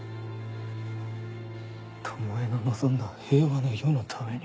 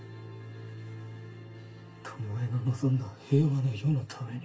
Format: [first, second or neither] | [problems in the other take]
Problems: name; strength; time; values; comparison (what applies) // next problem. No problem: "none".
first | room echo; dies away in 0.2 s